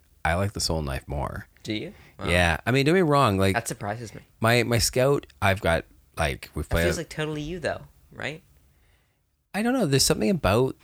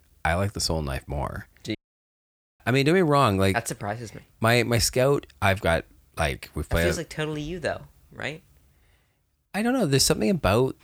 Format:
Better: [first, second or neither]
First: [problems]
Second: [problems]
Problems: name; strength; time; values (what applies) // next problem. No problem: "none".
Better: first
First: none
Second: audio cutting out; at 2 s for 1 s